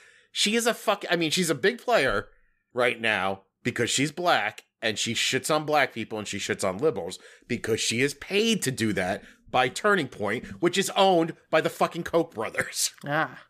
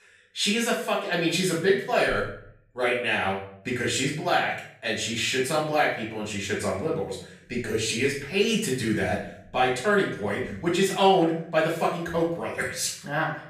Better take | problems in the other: first | off-mic speech; far // room echo; noticeable; dies away in 0.5 s

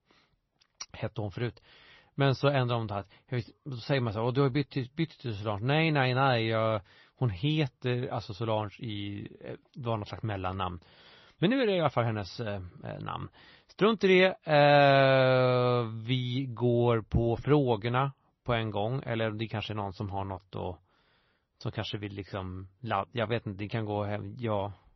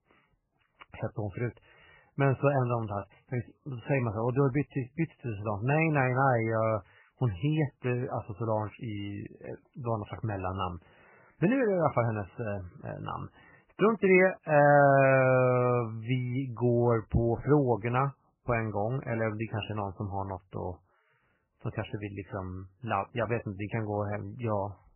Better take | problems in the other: first | garbled, watery; badly; nothing above 3 kHz; slightly in the first

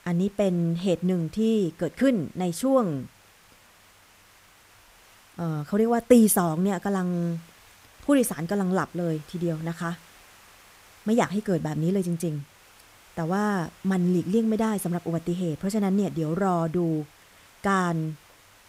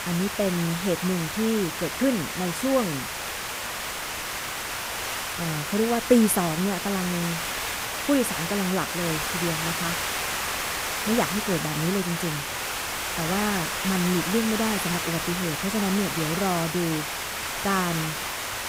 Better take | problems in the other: first | hiss; loud; throughout; 1 dB below the speech; faint in the first

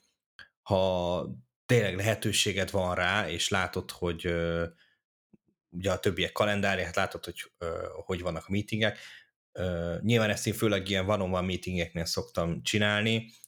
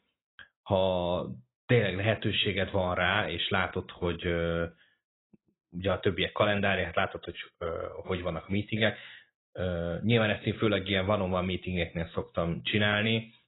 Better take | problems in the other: first | garbled, watery; badly; nothing above 4 kHz

